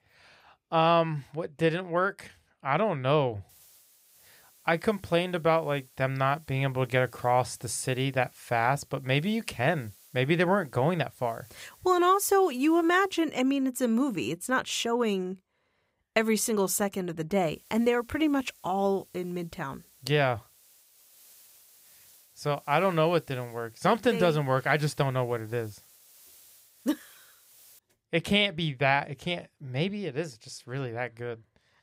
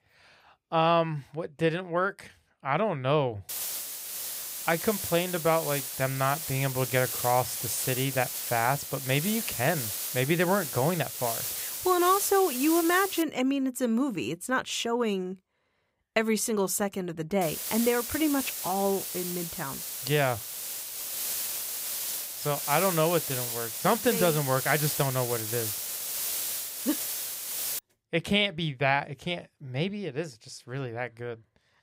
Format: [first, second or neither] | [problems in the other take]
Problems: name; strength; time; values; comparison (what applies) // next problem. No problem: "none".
first | hiss; loud; from 3.5 to 13 s and from 17 to 28 s; 3 dB below the speech; faint in the first